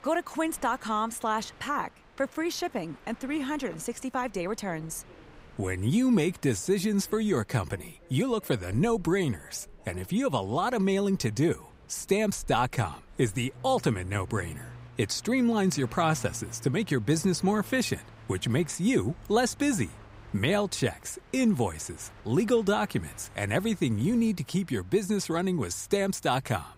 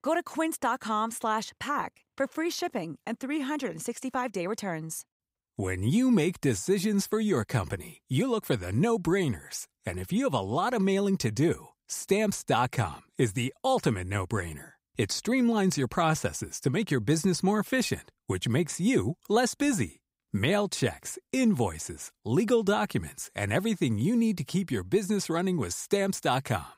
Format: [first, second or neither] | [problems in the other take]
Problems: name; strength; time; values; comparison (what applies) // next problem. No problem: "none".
second | train or aircraft noise; faint; throughout; 20 dB below the speech